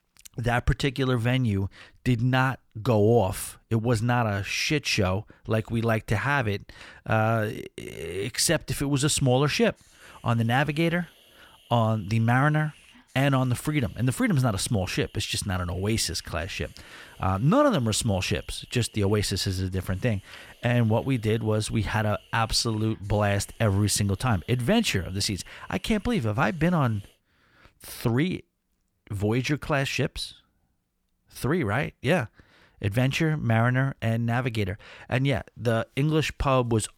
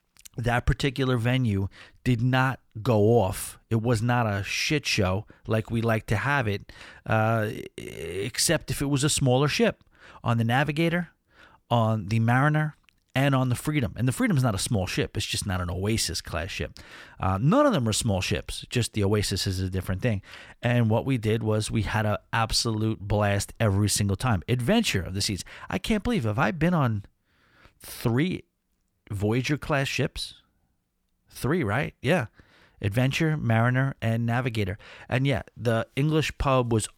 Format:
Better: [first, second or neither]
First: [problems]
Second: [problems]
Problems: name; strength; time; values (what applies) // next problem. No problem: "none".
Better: second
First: hiss; faint; from 9 to 27 s; 30 dB below the speech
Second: none